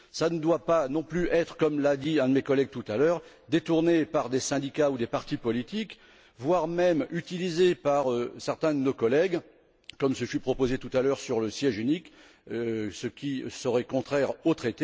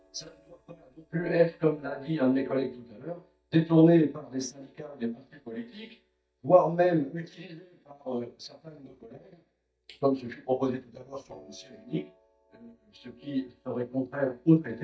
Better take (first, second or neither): first